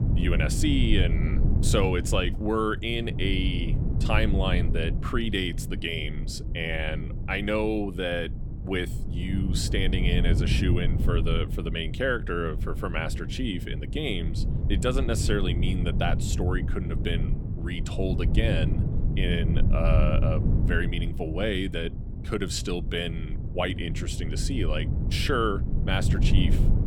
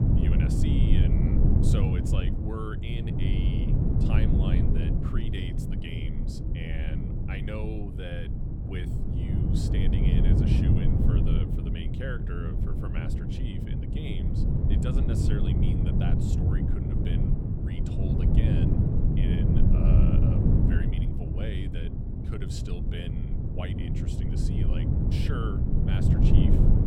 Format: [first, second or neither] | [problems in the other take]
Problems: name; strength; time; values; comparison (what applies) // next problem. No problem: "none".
first | wind noise on the microphone; heavy; 4 dB above the speech; occasional gusts in the first